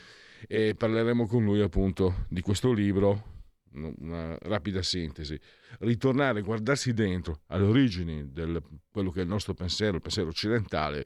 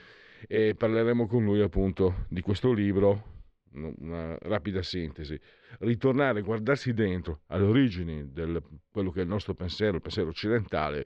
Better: first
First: none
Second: muffled; slightly; fading above 3 kHz

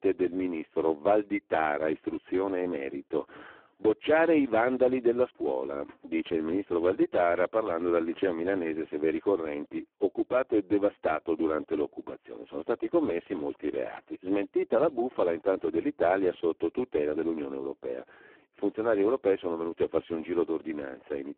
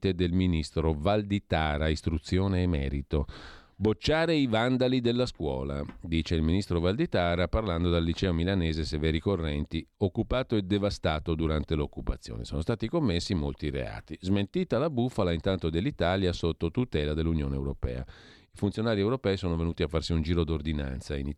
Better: second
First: phone-call audio; poor line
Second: none

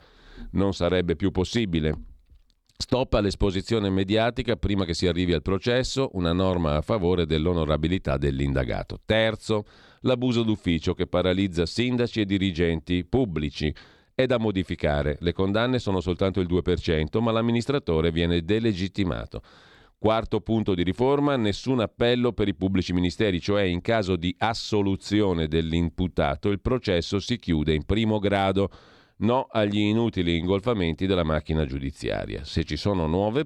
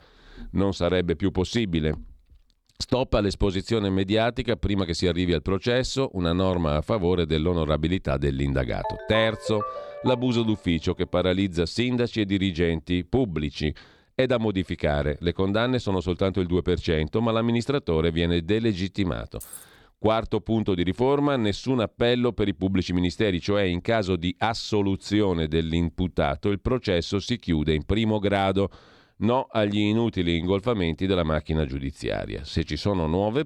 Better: first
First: none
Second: phone ringing; noticeable; from 9 to 10 s; peak 8 dB below the speech // jangling keys; faint; at 19 s; peak 15 dB below the speech

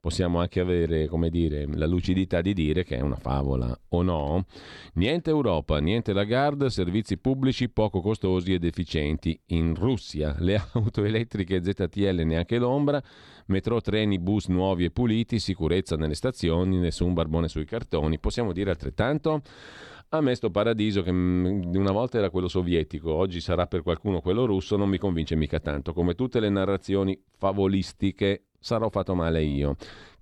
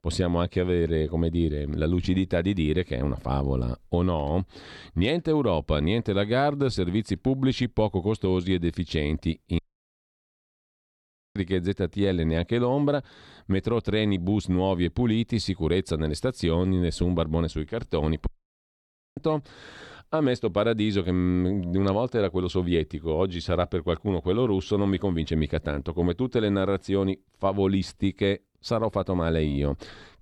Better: first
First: none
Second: audio cutting out; at 9.5 s for 2 s and at 18 s for 1 s

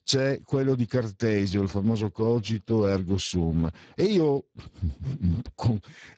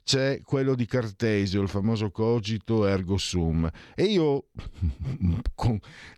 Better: second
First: garbled, watery; badly; nothing above 7.5 kHz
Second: none

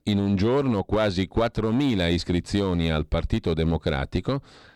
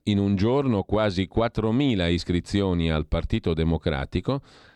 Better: second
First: distortion; slight; 7% of the sound clipped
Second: none

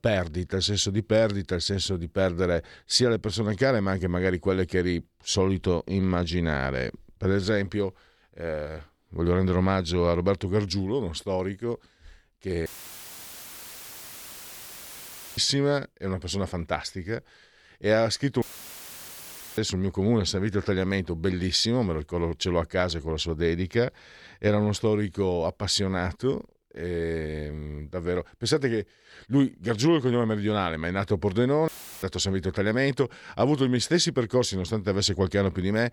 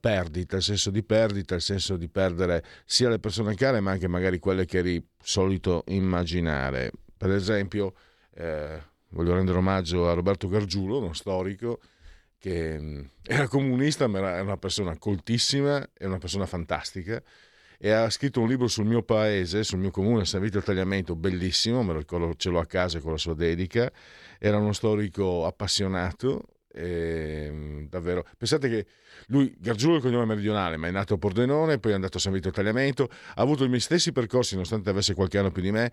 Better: second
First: audio cutting out; filled with static; at 13 s for 2.5 s, at 18 s for 1 s and at 32 s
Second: none

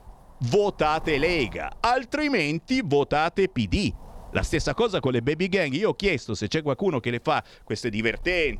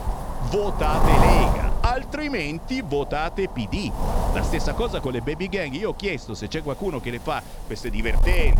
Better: first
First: wind noise on the microphone; occasional gusts; 25 dB below the speech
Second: wind noise on the microphone; heavy; as loud as the speech

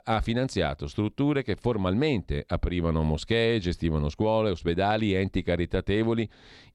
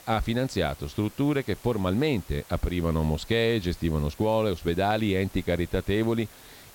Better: first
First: none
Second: hiss; faint; throughout; 20 dB below the speech

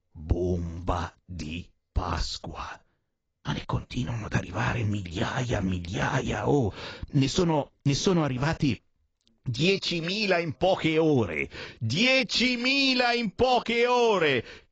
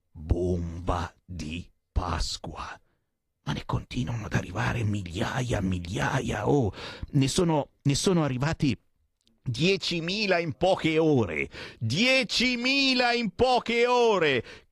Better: second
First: garbled, watery; badly; nothing above 7.5 kHz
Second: garbled, watery; slightly; nothing above 12.5 kHz

